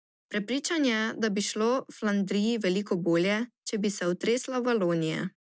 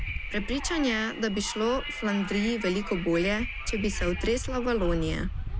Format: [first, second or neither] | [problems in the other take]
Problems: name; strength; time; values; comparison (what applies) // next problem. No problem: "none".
first | background sound (Wind); 5 dB below the speech